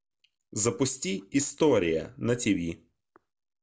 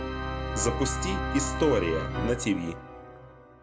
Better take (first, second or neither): first